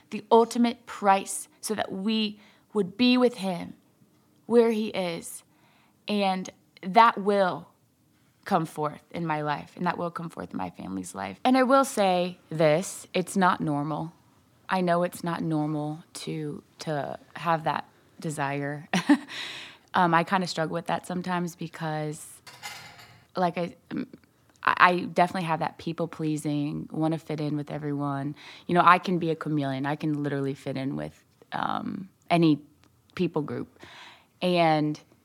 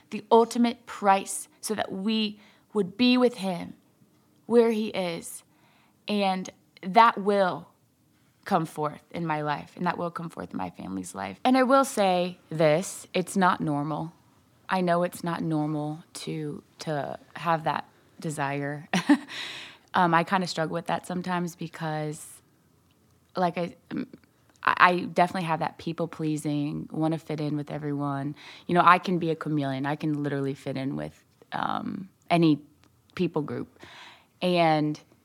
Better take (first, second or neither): second